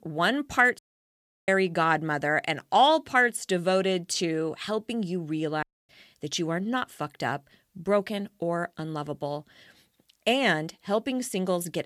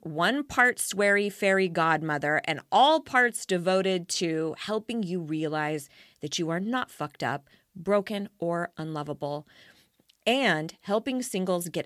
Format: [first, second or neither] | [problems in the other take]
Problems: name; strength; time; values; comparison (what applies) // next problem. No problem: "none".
second | audio cutting out; at 1 s for 0.5 s and at 5.5 s